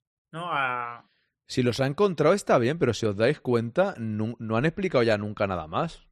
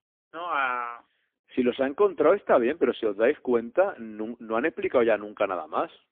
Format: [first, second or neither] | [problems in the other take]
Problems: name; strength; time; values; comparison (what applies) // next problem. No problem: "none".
first | phone-call audio; poor line; nothing above 3.5 kHz